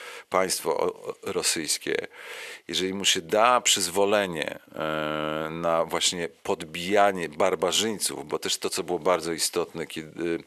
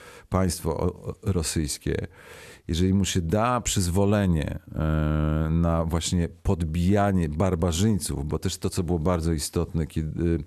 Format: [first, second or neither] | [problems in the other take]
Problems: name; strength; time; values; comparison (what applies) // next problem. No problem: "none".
second | thin; very; fading below 500 Hz